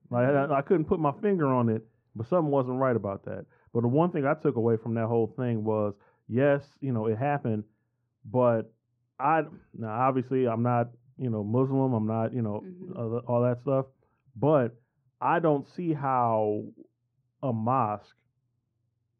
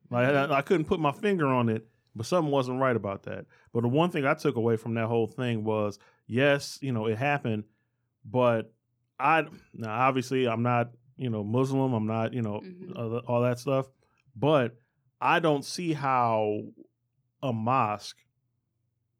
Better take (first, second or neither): second